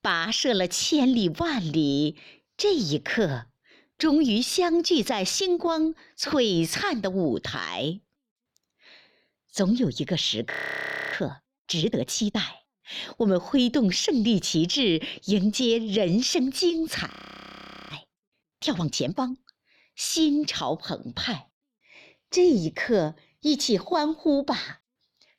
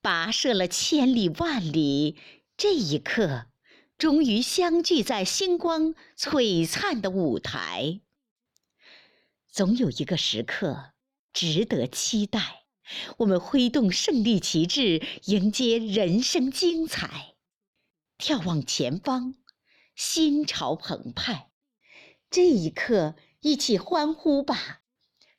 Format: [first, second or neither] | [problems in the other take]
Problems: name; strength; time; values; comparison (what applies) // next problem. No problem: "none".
second | audio freezing; at 11 s for 0.5 s and at 17 s for 1 s